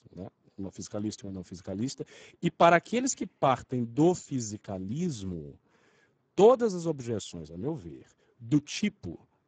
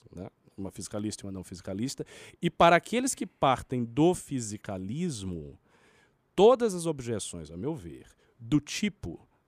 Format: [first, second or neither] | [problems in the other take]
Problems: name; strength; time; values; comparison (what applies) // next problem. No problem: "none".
second | garbled, watery; badly; nothing above 7.5 kHz